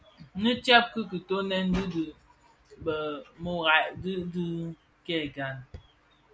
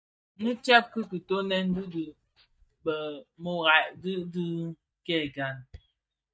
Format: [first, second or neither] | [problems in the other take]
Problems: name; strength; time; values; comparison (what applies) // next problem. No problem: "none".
first | noise reduction (neural mask model DeepFilterNet 3)